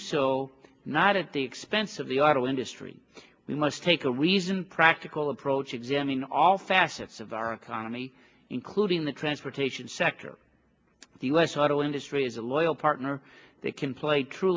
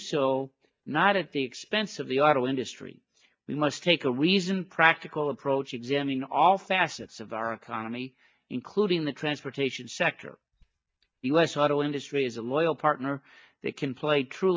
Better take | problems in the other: first | noise reduction (neural mask model DeepFilterNet 3)

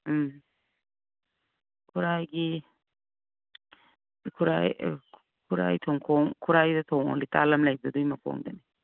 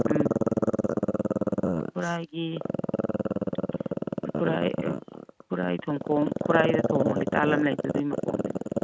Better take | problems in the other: first | noise reduction (neural mask model RNNoise)

